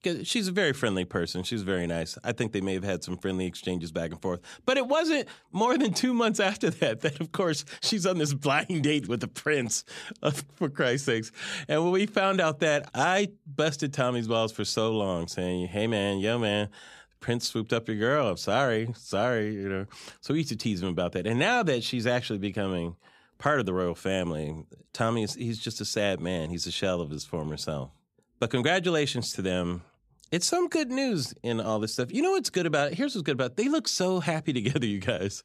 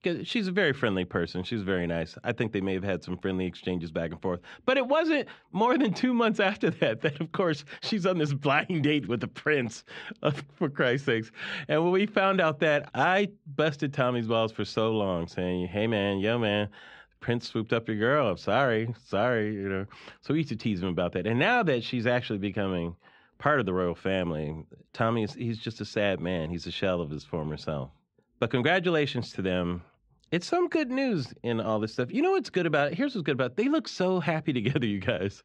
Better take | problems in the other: first | muffled; slightly; fading above 2.5 kHz

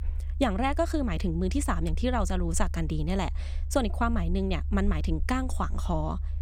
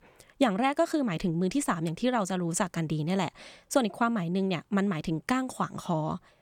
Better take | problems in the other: second | low rumble; faint; throughout; 20 dB below the speech

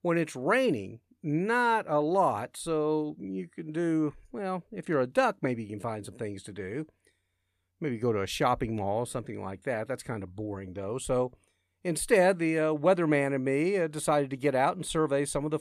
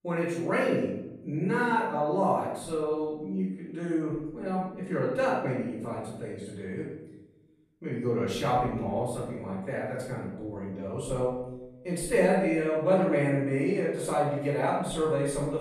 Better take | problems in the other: first | off-mic speech; far // room echo; noticeable; dies away in 0.8 s

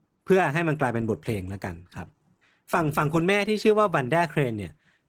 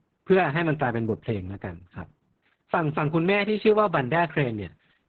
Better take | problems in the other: first | garbled, watery; badly; nothing above 4 kHz; slightly in the first

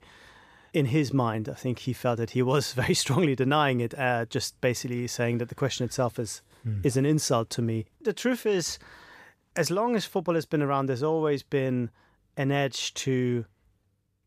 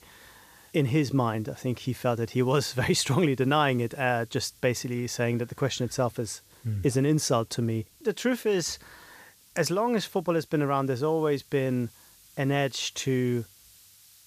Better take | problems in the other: first | hiss; faint; throughout; 25 dB below the speech

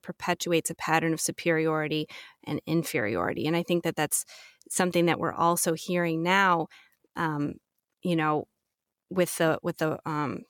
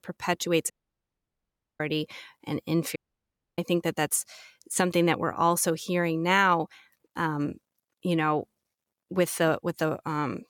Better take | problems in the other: first | audio cutting out; at 0.5 s for 1 s and at 3 s for 0.5 s

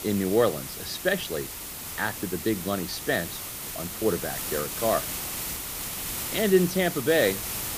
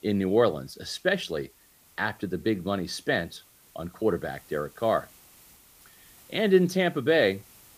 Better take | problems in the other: second | hiss; loud; throughout; 5 dB below the speech; faint in the second

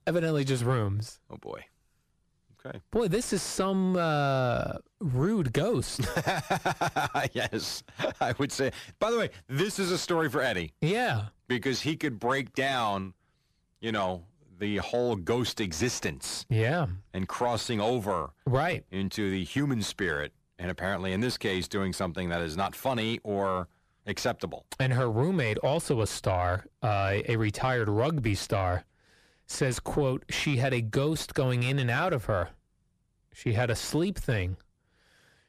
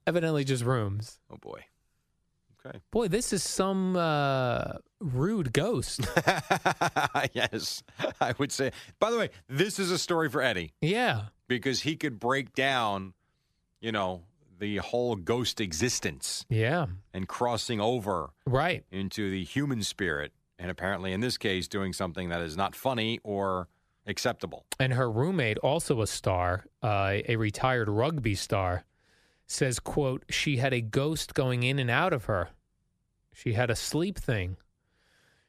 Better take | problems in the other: second | distortion; slight; 10 dB below the speech

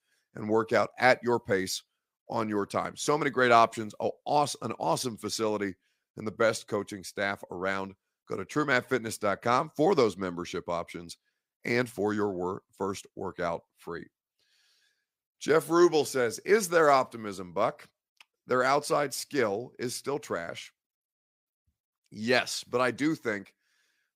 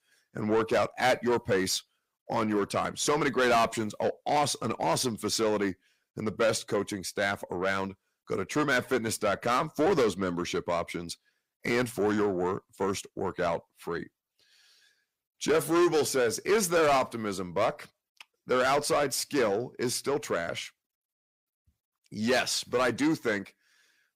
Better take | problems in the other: first | distortion; heavy; 7 dB below the speech

